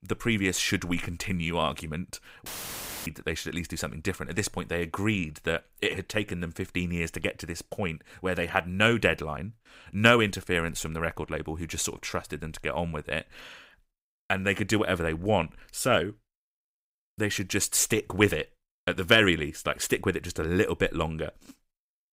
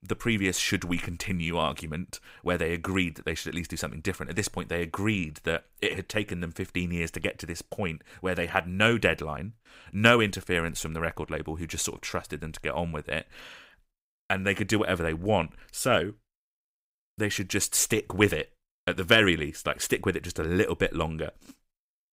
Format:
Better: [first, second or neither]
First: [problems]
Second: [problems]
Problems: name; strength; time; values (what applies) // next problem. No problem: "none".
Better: second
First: audio cutting out; filled with static; at 2.5 s for 0.5 s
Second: none